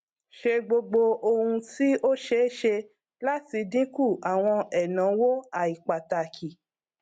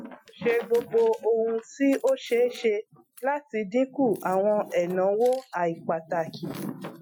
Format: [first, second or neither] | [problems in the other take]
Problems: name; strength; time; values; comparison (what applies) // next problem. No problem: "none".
first | noise reduction (classical method Wiener filter)